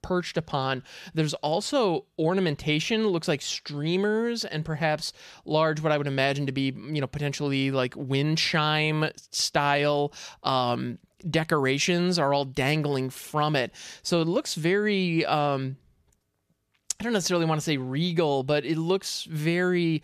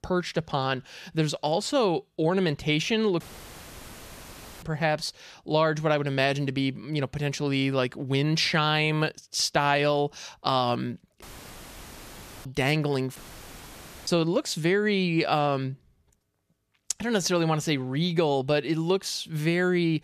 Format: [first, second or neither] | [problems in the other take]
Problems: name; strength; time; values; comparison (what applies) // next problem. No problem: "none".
first | audio cutting out; filled with static; at 3 s for 1.5 s, at 11 s for 1 s and at 13 s for 1 s